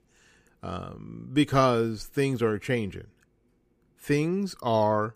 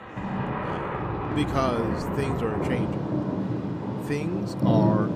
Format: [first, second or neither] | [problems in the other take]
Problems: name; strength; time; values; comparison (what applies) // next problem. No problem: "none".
first | rain or running water; very loud; throughout; 2 dB above the speech